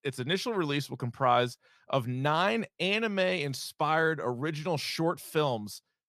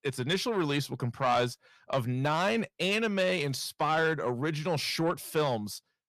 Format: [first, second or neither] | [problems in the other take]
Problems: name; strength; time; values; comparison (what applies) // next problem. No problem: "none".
first | distortion; slight; 10 dB below the speech